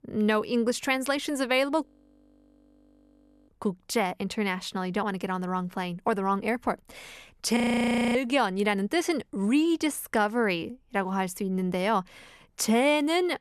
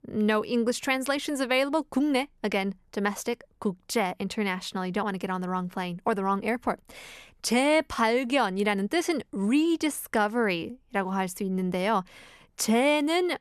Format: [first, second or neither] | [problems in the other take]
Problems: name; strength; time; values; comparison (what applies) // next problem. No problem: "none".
second | audio freezing; at 2 s for 1.5 s and at 7.5 s for 0.5 s